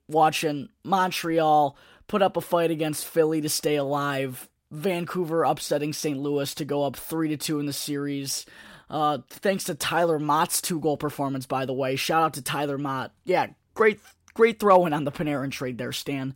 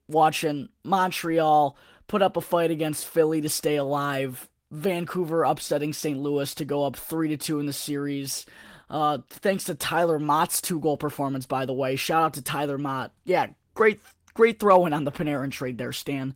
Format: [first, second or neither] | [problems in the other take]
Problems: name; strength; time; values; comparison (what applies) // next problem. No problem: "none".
first | garbled, watery; slightly; nothing above 16 kHz